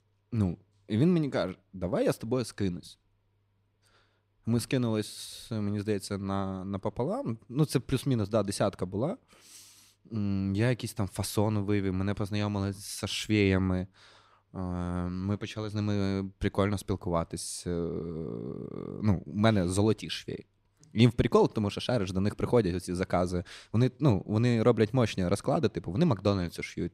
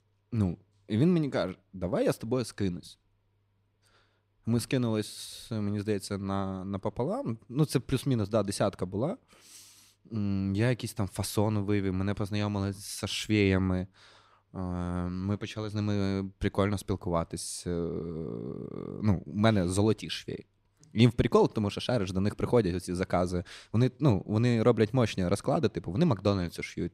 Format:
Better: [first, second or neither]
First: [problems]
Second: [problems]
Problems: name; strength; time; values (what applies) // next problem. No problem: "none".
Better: neither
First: none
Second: none